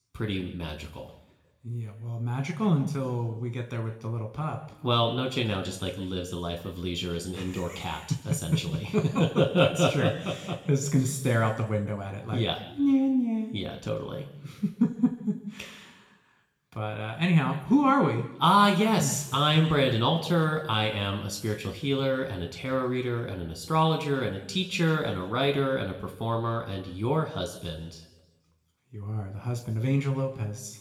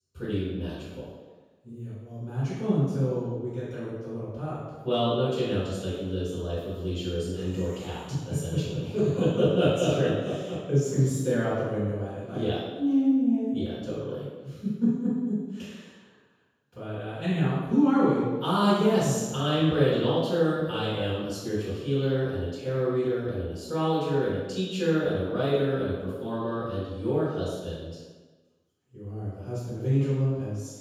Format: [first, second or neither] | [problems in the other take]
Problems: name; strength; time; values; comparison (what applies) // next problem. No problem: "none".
first | room echo; strong; dies away in 1.1 s; slight in the first // off-mic speech; far; somewhat distant in the first